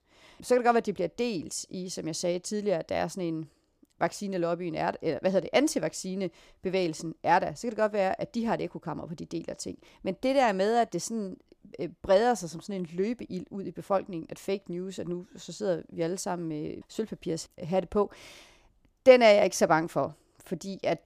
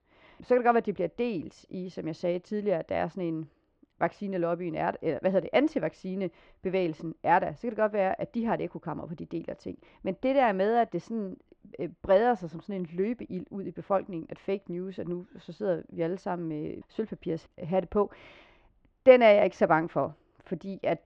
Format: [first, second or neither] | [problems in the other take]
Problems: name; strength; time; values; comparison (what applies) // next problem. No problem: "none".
first | muffled; very; fading above 2.5 kHz